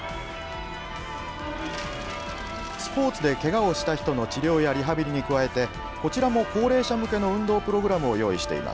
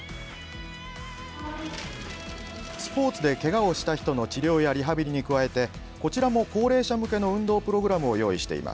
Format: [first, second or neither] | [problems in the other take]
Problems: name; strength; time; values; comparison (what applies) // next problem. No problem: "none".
second | background sound (Church bell); 10 dB below the speech